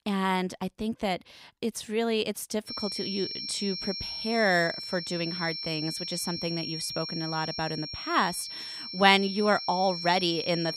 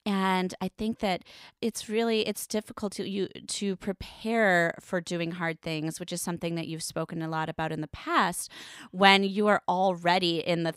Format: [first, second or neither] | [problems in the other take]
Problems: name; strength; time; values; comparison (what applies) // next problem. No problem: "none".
second | high-pitched whine; loud; from 2.5 s on; 5.5 kHz, 5 dB below the speech